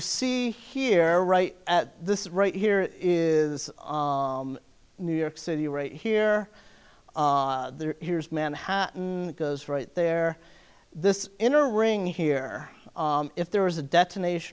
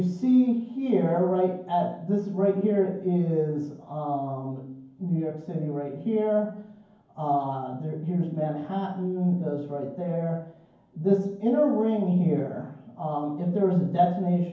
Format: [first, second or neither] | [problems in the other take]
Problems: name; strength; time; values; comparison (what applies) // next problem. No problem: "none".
first | room echo; dies away in 0.9 s